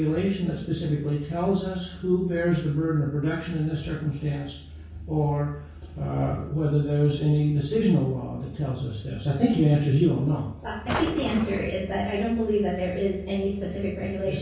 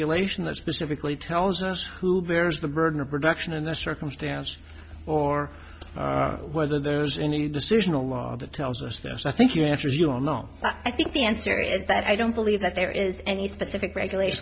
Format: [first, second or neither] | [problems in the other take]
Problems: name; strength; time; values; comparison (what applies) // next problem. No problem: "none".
second | background sound (Drawer open or close); 8 dB below the speech // room echo; dies away in 0.6 s